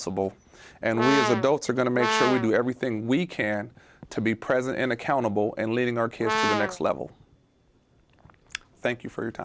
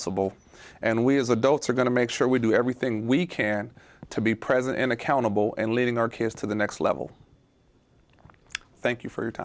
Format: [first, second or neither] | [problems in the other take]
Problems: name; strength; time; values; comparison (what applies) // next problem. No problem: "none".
second | background sound (Brass instrument); 1 dB below the speech